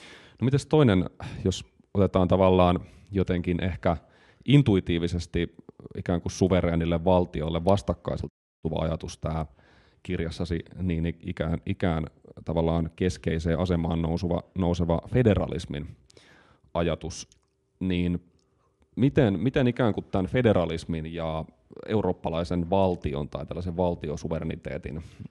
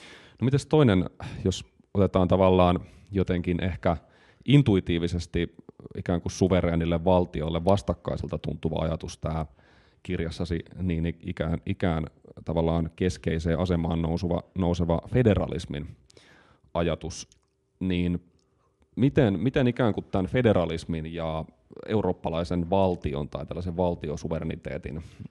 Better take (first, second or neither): second